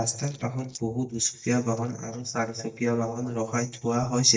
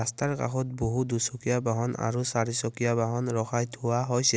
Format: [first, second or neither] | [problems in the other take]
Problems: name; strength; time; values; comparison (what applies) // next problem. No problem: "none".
second | noise reduction (neural mask model DeepFilterNet 3)